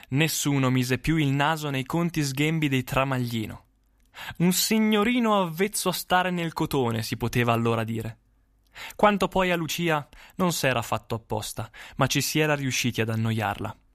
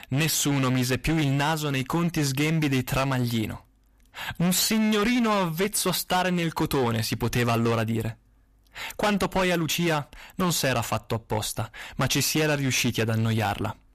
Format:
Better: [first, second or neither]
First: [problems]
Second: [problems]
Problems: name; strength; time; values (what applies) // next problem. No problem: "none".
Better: first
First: none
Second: distortion; heavy; 18% of the sound clipped